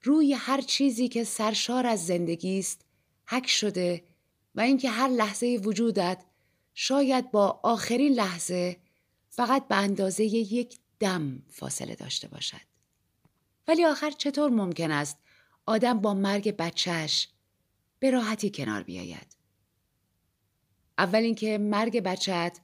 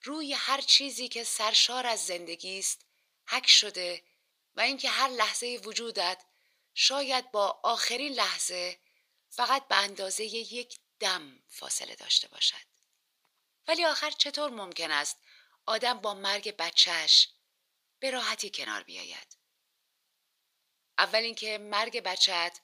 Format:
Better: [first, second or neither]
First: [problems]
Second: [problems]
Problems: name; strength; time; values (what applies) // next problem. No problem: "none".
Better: first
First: none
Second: thin; very; fading below 750 Hz